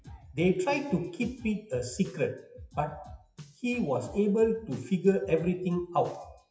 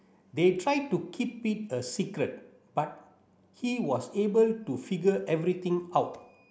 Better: second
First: noise reduction (classical method WPE with log-MMSE)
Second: none

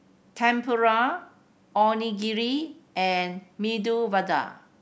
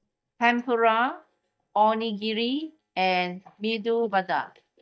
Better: first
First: none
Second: noise reduction (neural mask model DeepFilterNet 3)

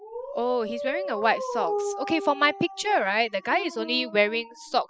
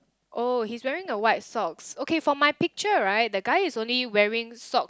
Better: second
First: noise reduction (classical method spectral subtraction)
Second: none

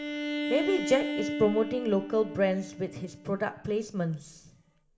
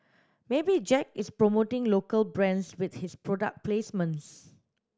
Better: second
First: background sound (Bowed string instrument); 6 dB below the speech // room echo; dies away in 0.6 s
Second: none

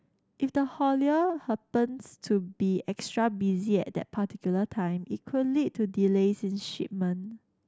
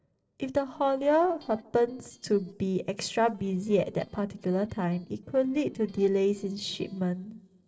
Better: first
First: none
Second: noise reduction (neural separator model SepFormer DNS4)

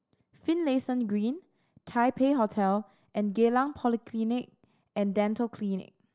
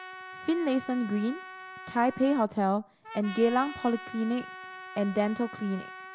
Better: first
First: none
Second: background sound (Trumpet); 14 dB below the speech

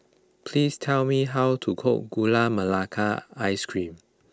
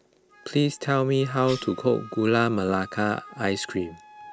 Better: first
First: none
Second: background sound (Cough + Wind instrument, woodwind instrument); 19 dB below the speech

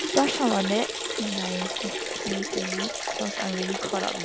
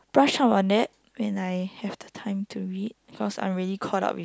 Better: second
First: background sound (Liquid); 1 dB below the speech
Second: none

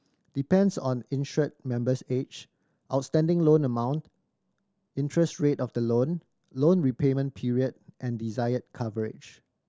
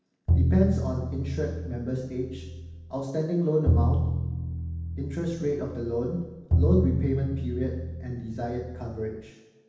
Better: first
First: none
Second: background sound (Bowed string instrument); 2 dB above the speech // room echo; dies away in 0.9 s

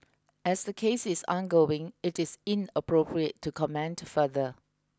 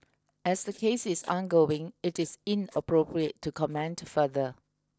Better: first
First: none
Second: noise reduction (neural separator model SepFormer DNS4)

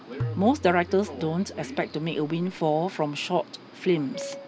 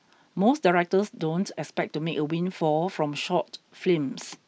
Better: second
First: background sound (Subway, metro, underground + Tabla); 12 dB below the speech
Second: none

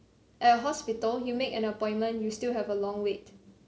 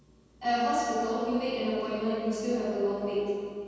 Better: first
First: none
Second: room echo; dies away in 2.1 s

